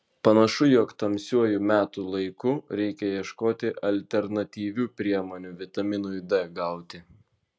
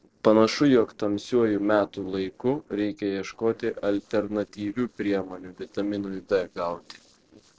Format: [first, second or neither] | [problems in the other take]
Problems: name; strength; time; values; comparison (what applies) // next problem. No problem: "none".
first | noise reduction (neural separator model SepFormer DNS4)